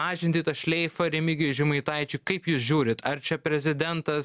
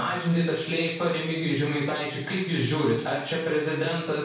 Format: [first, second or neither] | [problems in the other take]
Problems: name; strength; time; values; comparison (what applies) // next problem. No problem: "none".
first | room echo; dies away in 0.7 s